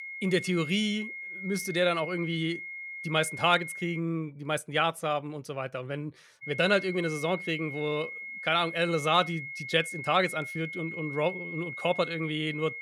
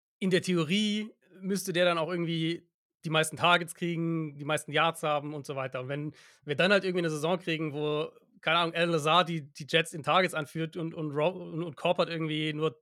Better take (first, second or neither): second